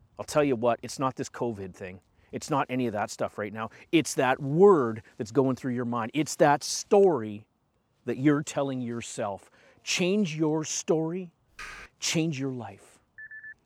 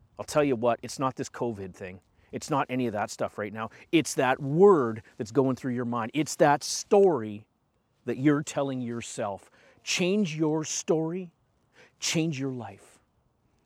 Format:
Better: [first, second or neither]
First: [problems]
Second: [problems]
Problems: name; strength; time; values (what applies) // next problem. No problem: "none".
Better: second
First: keyboard typing; faint; at 12 s; peak 15 dB below the speech // phone ringing; faint; at 13 s; peak 15 dB below the speech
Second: none